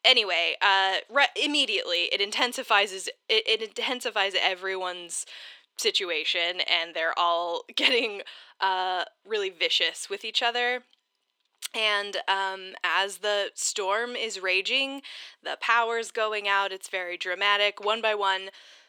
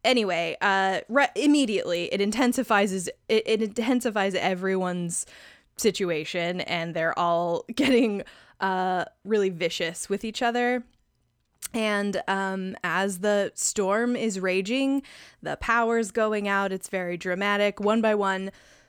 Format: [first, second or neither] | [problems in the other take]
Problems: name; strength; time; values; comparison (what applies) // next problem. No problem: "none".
second | thin; very; fading below 350 Hz